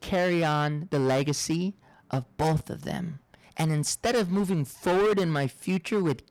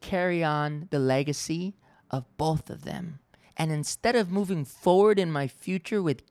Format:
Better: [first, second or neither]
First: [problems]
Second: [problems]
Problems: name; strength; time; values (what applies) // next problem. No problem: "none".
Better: second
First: distortion; heavy; 11% of the sound clipped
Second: none